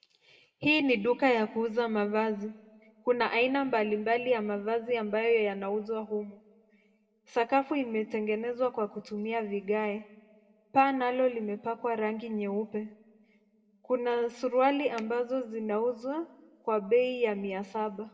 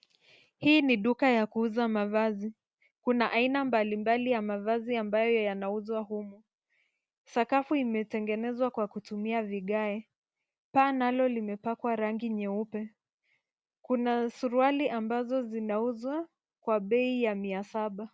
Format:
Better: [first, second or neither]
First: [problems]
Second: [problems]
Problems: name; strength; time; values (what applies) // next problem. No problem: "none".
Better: second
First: background sound (Finger snapping); 20 dB below the speech // room echo; dies away in 1.1 s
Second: none